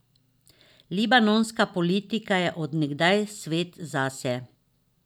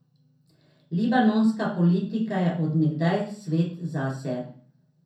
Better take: first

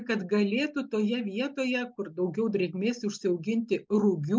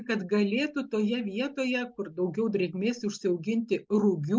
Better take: first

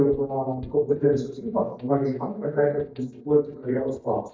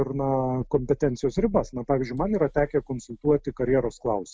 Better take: second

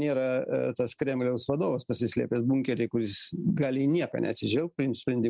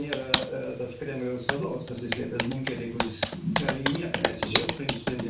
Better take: first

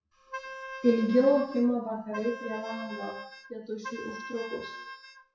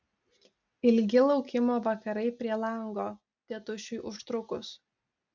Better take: second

